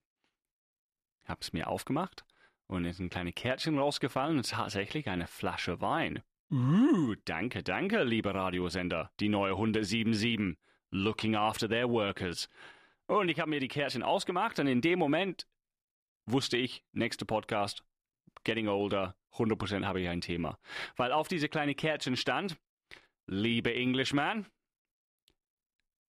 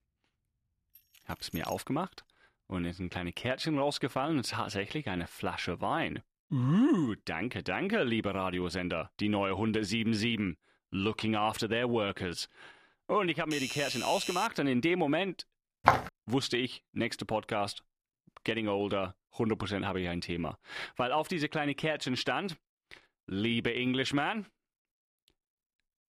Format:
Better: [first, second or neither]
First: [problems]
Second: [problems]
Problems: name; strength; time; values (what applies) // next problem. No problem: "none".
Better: first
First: none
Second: jangling keys; faint; at 1 s; peak 15 dB below the speech // doorbell; noticeable; from 13 to 14 s; peak 4 dB below the speech // footsteps; loud; at 16 s; peak 5 dB above the speech